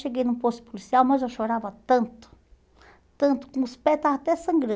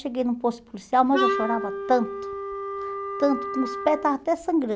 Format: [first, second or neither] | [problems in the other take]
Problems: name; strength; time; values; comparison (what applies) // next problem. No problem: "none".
first | background sound (Wind instrument, woodwind instrument); 5 dB below the speech